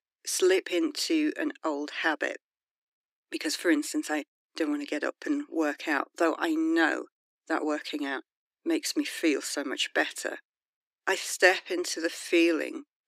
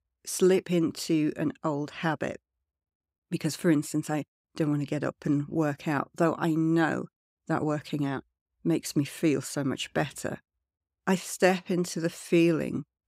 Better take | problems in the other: second | thin; somewhat; fading below 300 Hz

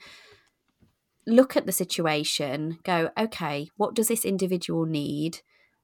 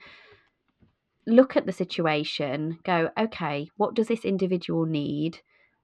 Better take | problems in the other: first | muffled; slightly; fading above 3.5 kHz

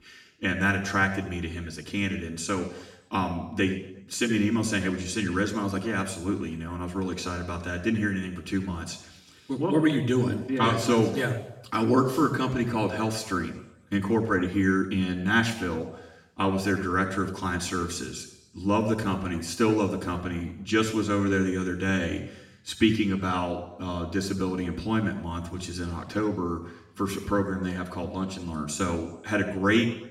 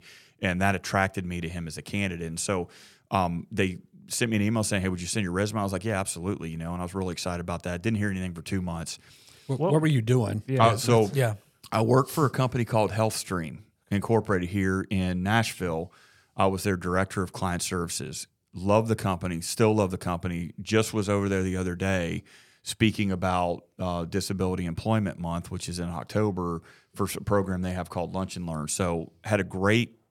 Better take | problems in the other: second | room echo; slight; dies away in 0.8 s // off-mic speech; far

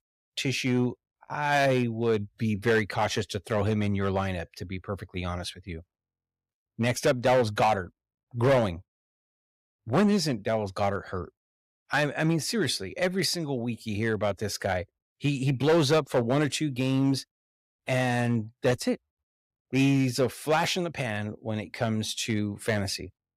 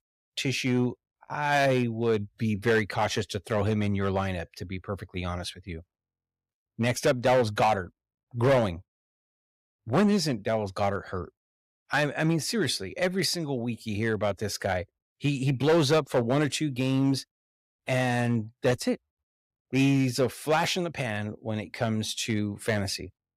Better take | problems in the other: neither | distortion; slight; 3% of the sound clipped; the same in both

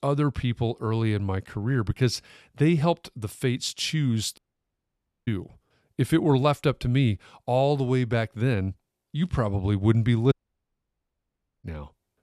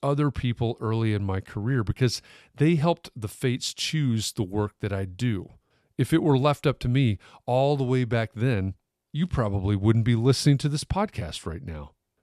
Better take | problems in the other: second | audio cutting out; at 4.5 s for 1 s and at 10 s for 1.5 s

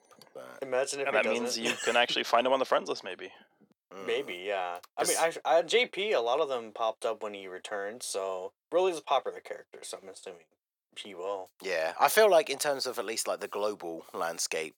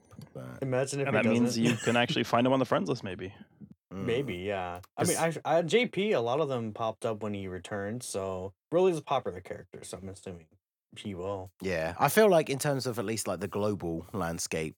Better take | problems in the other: second | thin; very; fading below 550 Hz

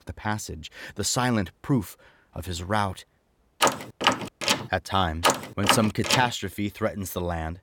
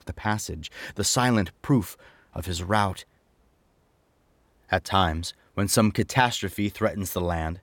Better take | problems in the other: second | door banging; loud; from 3.5 to 6.5 s; peak 4 dB above the speech

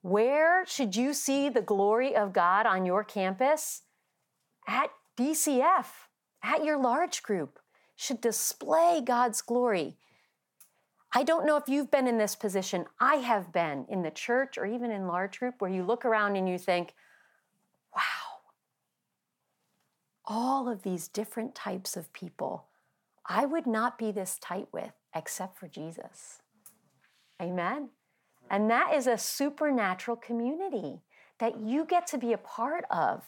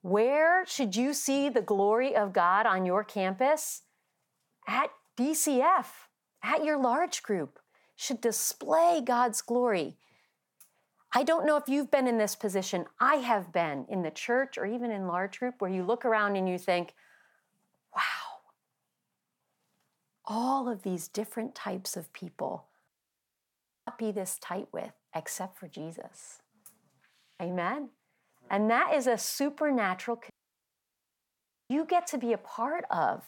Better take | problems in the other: first | audio cutting out; at 23 s for 1 s and at 30 s for 1.5 s

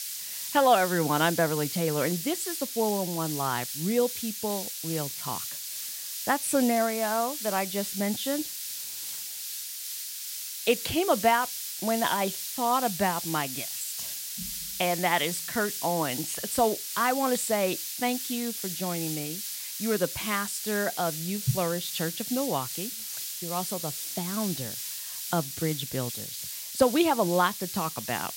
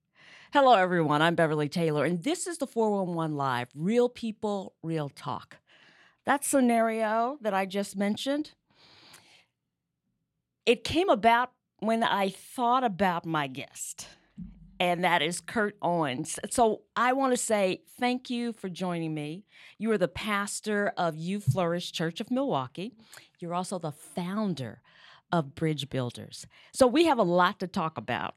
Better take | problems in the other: second | hiss; loud; throughout; 4 dB below the speech

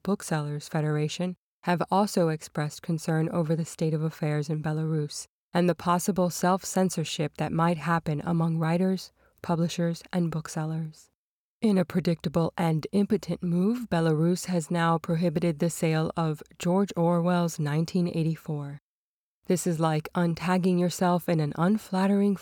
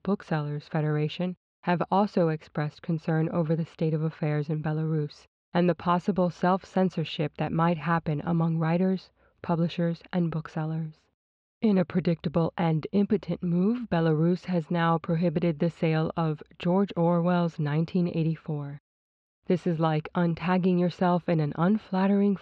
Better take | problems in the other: first | muffled; slightly; fading above 3.5 kHz

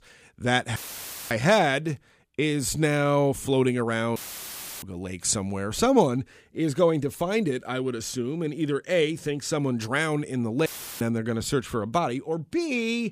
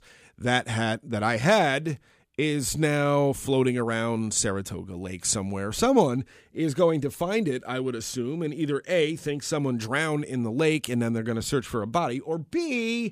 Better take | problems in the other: second | audio cutting out; filled with static; at 1 s for 0.5 s, at 4 s for 0.5 s and at 11 s

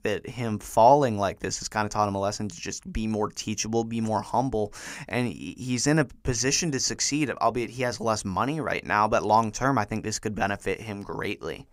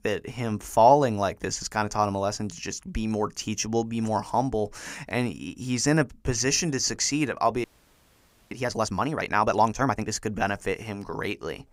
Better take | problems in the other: first | audio freezing; at 7.5 s for 1 s

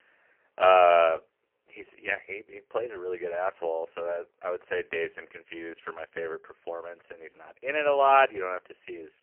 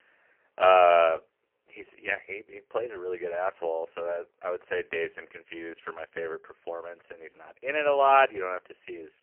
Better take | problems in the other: neither | phone-call audio; poor line; nothing above 3 kHz; the same in both

